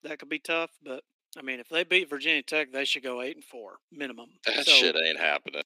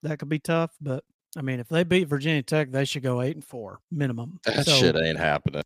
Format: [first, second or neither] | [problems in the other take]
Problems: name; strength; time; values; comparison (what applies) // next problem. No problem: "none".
second | thin; somewhat; fading below 300 Hz